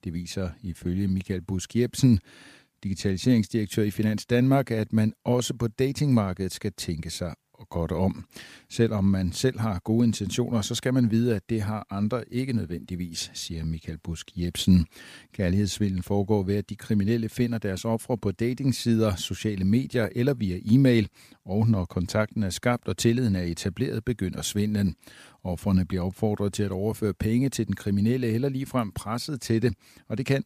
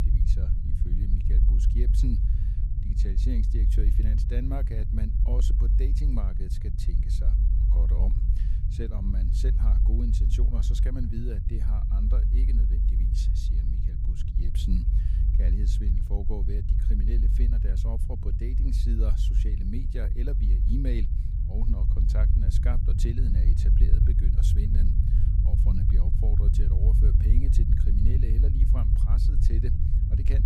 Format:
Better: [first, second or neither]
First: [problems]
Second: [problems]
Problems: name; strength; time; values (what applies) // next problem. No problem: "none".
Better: first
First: none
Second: low rumble; loud; throughout; 1 dB below the speech